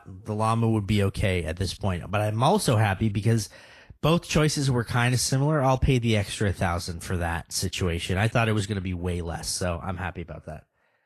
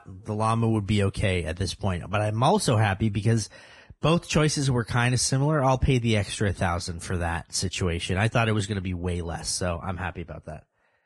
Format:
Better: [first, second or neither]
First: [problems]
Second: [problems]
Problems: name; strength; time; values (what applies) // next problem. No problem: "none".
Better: first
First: garbled, watery; slightly; nothing above 12 kHz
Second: garbled, watery; badly; nothing above 10.5 kHz